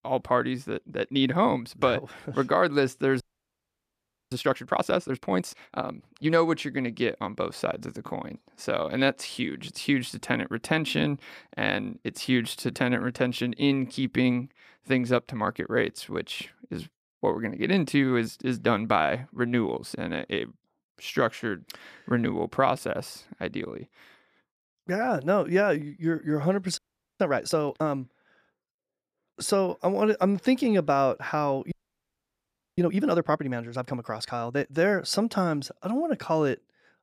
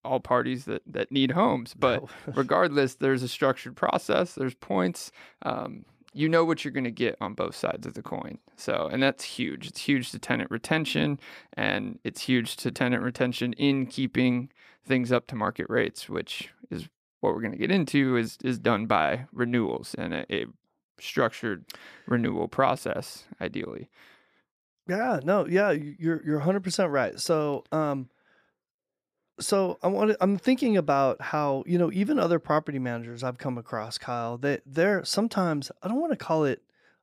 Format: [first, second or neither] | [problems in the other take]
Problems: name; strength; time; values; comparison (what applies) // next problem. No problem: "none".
second | audio freezing; at 3 s for 1 s, at 27 s and at 32 s for 1 s